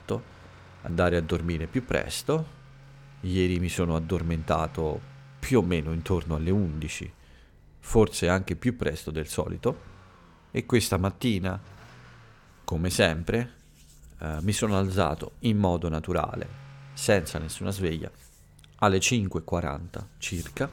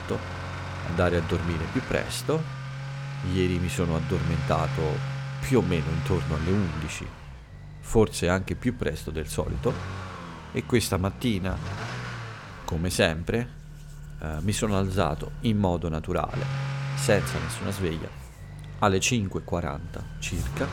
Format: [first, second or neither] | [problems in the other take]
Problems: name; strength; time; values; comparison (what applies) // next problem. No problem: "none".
first | traffic noise; loud; throughout; 8 dB below the speech; faint in the first